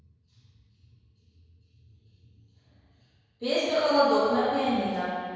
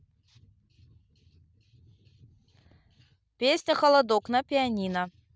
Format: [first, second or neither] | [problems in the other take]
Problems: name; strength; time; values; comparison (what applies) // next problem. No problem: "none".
second | room echo; dies away in 1.9 s